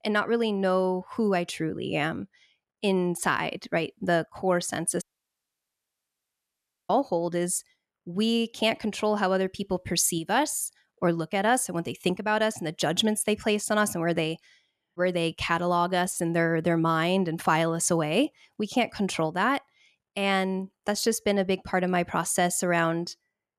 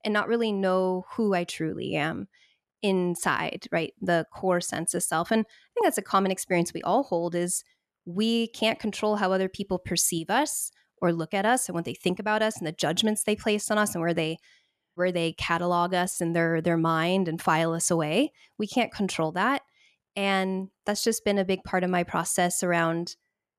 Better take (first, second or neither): second